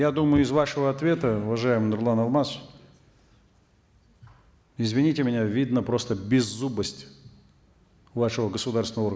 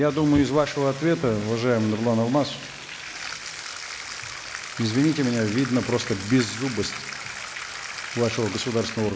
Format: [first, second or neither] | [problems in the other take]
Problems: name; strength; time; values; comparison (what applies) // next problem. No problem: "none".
first | background sound (Bathtub (filling or washing)); 11 dB below the speech